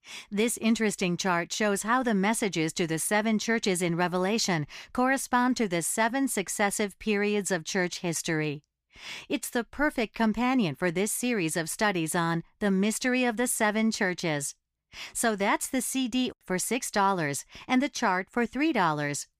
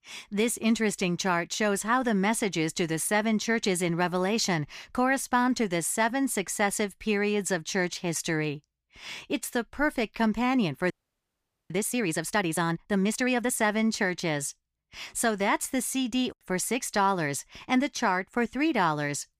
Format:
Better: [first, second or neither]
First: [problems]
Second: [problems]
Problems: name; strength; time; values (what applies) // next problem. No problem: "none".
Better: first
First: none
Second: audio freezing; at 11 s for 1 s